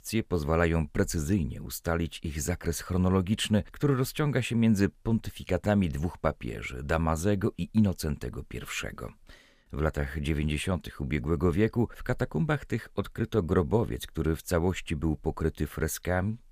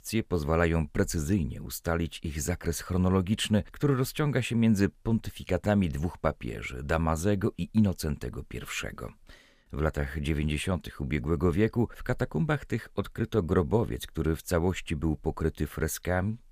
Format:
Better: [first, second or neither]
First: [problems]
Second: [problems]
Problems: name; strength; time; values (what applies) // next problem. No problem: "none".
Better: neither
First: none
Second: none